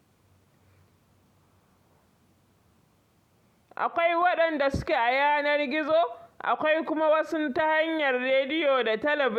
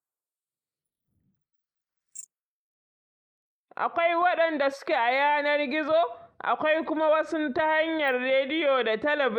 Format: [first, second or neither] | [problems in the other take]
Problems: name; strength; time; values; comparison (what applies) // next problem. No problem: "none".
first | noise reduction (neural mask model Resemble Enhance denoiser)